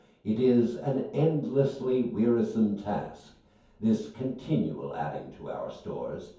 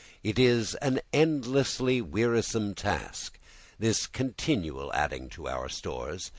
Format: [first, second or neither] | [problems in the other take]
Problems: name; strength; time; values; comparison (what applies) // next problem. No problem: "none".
second | room echo; dies away in 0.6 s